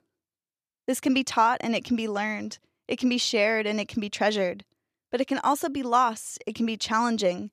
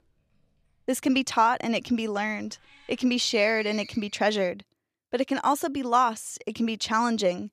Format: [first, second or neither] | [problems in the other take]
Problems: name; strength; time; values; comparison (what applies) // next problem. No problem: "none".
first | animal sounds; noticeable; until 4 s; 15 dB below the speech